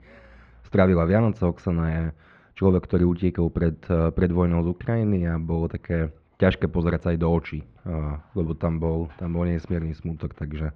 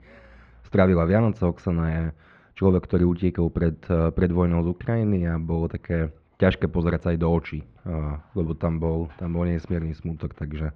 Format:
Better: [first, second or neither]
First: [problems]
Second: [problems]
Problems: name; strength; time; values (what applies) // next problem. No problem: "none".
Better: neither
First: muffled; very; fading above 2.5 kHz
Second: muffled; very; fading above 2.5 kHz